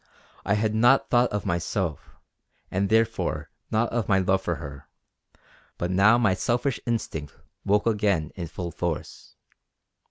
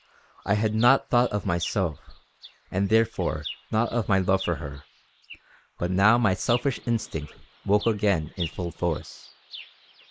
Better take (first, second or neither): first